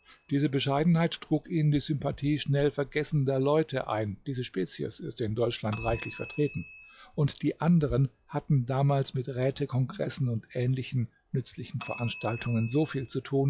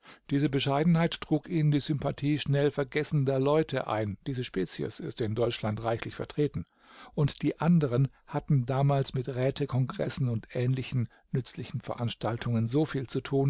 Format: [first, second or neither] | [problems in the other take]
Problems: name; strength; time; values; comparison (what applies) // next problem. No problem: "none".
second | noise reduction (classical method log-MMSE)